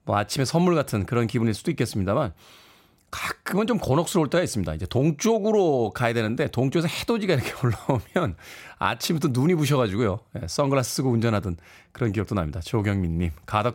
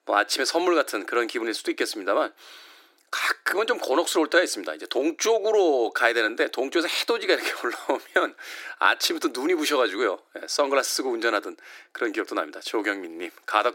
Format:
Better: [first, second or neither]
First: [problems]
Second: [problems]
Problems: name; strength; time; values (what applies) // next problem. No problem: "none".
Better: first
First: none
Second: thin; very; fading below 300 Hz